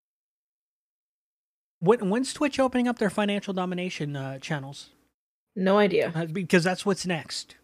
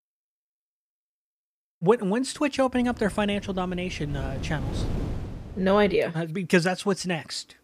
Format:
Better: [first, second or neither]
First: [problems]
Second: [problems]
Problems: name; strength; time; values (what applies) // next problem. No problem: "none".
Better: first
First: none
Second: wind noise on the microphone; occasional gusts; from 2.5 to 6 s; 15 dB below the speech